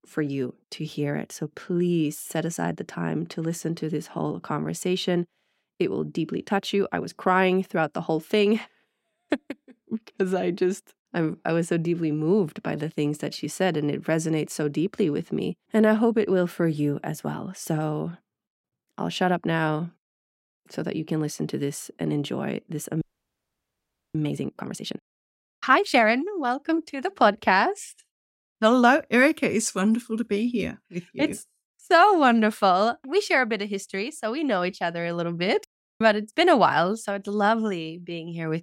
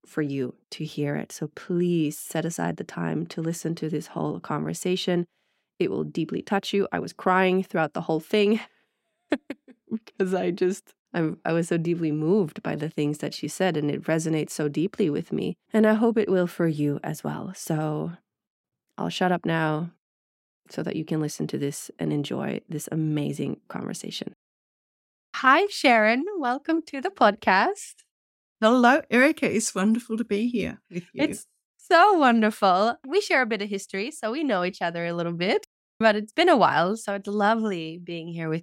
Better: second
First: audio freezing; at 23 s for 1 s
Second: none

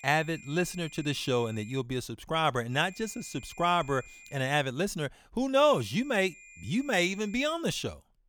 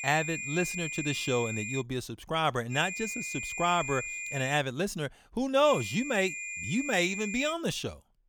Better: first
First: high-pitched whine; faint; until 2 s, from 2.5 to 4.5 s and from 5.5 to 7.5 s; 2.5 kHz, 20 dB below the speech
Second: high-pitched whine; loud; until 2 s, from 2.5 to 4.5 s and from 5.5 to 7.5 s; 2.5 kHz, 5 dB below the speech

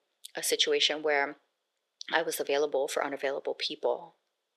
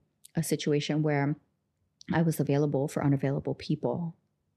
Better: second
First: thin; very; fading below 450 Hz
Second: none

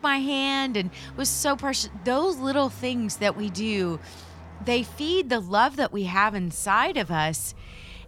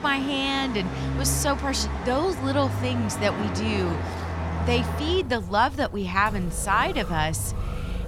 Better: first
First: traffic noise; faint; throughout; 20 dB below the speech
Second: traffic noise; loud; throughout; 5 dB below the speech

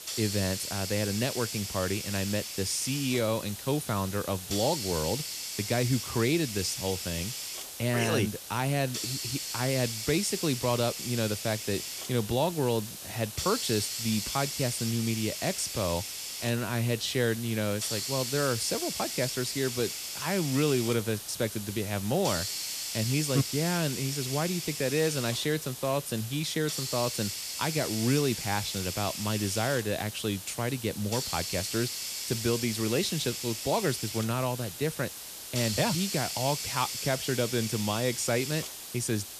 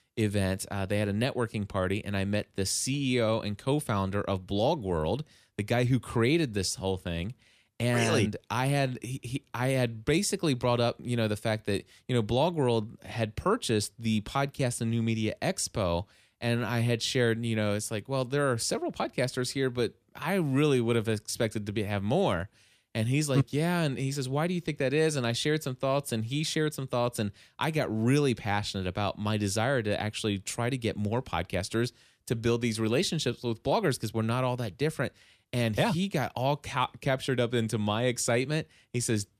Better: second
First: hiss; loud; throughout; 4 dB below the speech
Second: none

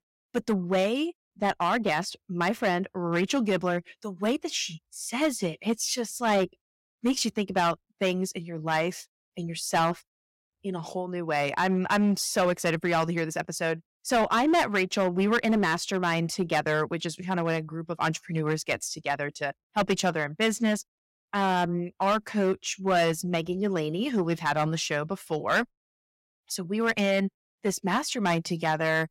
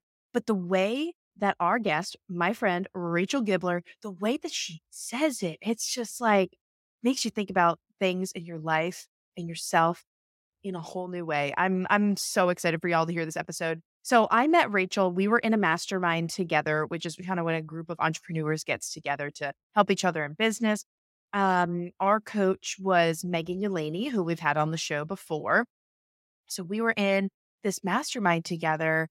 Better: second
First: distortion; slight; 5% of the sound clipped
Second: none

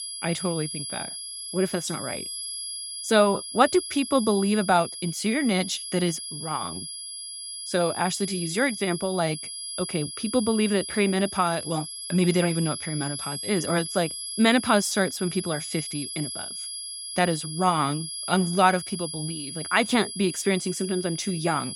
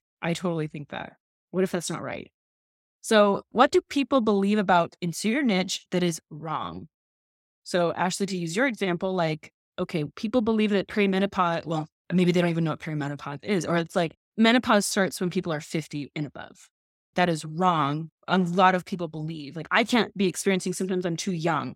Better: second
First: high-pitched whine; loud; throughout; 11 kHz, 7 dB below the speech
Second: none

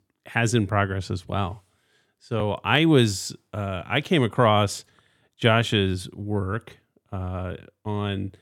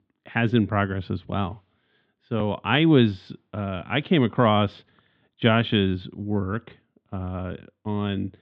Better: first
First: none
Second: muffled; very; fading above 3.5 kHz

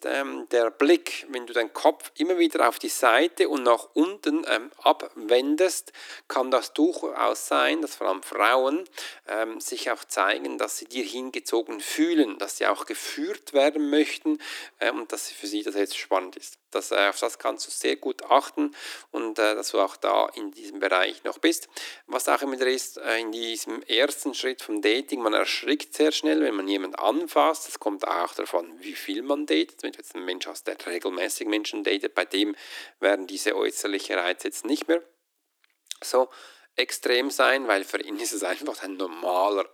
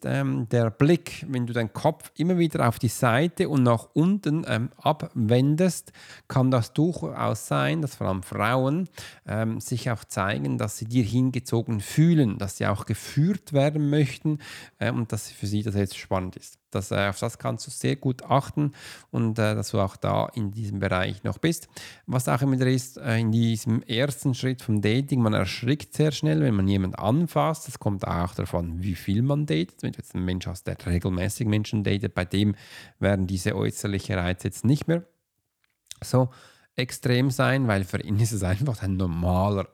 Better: second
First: thin; very; fading below 300 Hz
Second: none

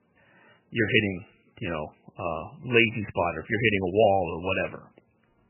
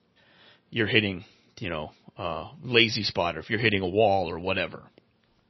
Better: second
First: garbled, watery; badly; nothing above 3 kHz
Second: garbled, watery; slightly; nothing above 5.5 kHz

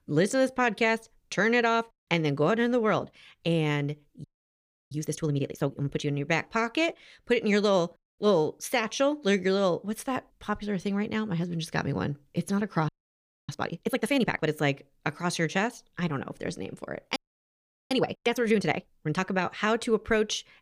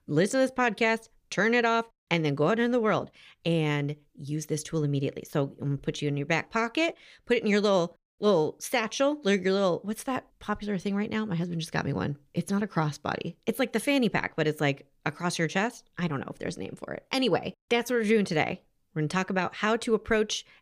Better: second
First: audio freezing; at 4 s for 0.5 s, at 13 s for 0.5 s and at 17 s for 1 s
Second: none

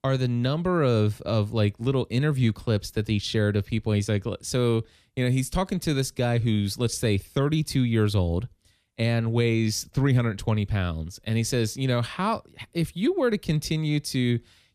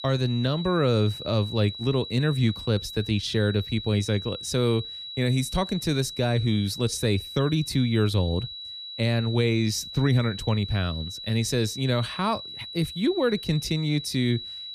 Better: first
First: none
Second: high-pitched whine; loud; throughout; 4 kHz, 10 dB below the speech

